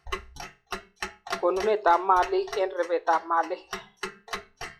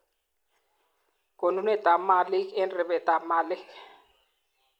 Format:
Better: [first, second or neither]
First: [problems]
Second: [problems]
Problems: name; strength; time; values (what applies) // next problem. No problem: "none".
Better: second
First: noise reduction (classical method log-MMSE)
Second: none